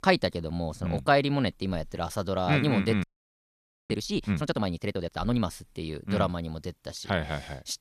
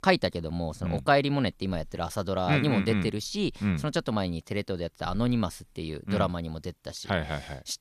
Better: second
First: audio freezing; at 3 s for 1 s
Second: none

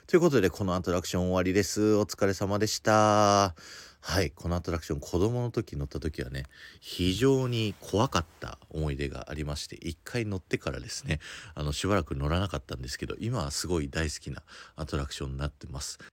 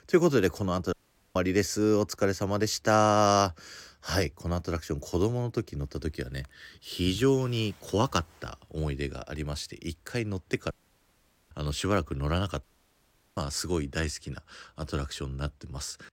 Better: first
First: none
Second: audio cutting out; at 1 s, at 11 s for 1 s and at 13 s for 0.5 s

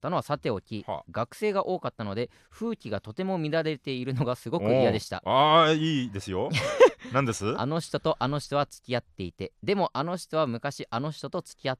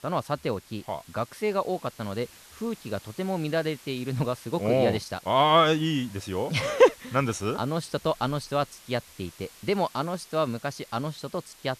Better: first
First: none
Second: hiss; faint; throughout; 20 dB below the speech

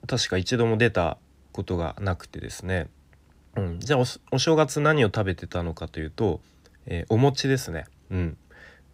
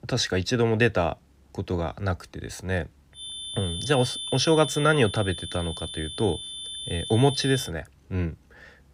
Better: first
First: none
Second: high-pitched whine; loud; from 3 to 7.5 s; 3.5 kHz, 7 dB below the speech

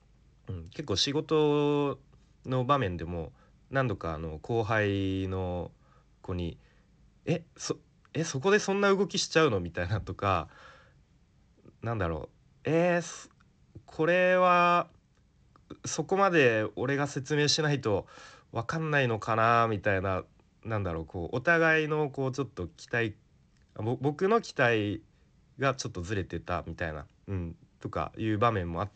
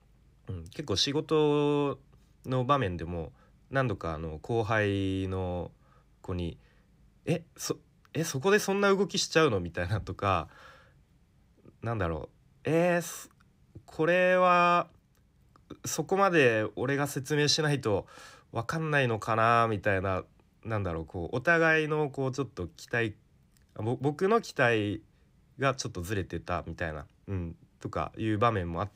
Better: second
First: garbled, watery; slightly; nothing above 7.5 kHz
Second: none

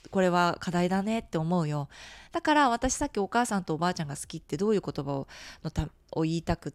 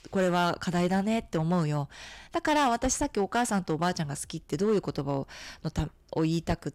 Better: first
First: none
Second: distortion; slight; 5% of the sound clipped

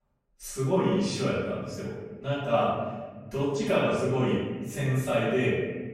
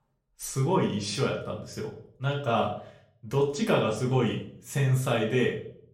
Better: second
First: room echo; strong; dies away in 1.6 s // off-mic speech; far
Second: room echo; slight; dies away in 0.5 s // off-mic speech; far

